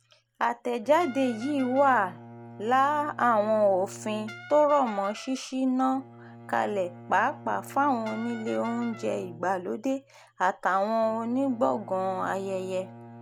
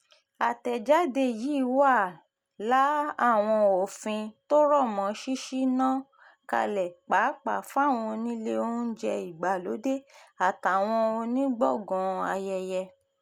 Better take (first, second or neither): second